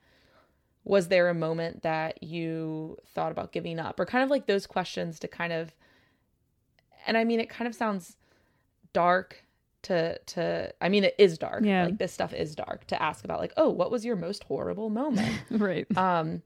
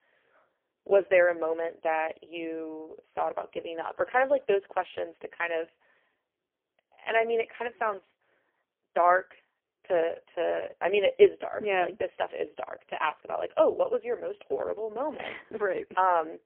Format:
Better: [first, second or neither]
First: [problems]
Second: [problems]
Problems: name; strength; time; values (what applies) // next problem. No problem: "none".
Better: first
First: none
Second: phone-call audio; poor line; nothing above 3 kHz